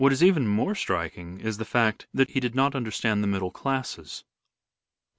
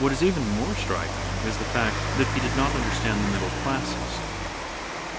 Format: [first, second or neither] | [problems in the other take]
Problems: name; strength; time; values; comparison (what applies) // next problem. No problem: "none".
first | background sound (Rain); as loud as the speech